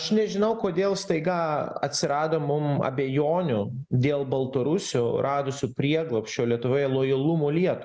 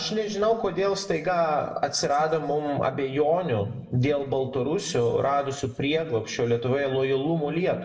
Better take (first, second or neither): first